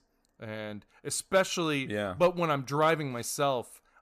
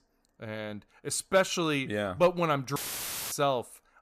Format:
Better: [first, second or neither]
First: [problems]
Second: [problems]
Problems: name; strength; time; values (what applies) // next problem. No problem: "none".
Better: first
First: none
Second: audio cutting out; filled with static; at 3 s for 0.5 s